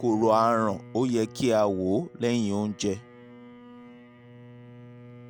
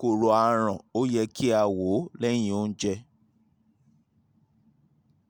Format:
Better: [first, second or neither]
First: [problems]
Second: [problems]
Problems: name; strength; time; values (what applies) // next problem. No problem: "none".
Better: second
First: background sound (Bowed string instrument); 19 dB below the speech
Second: none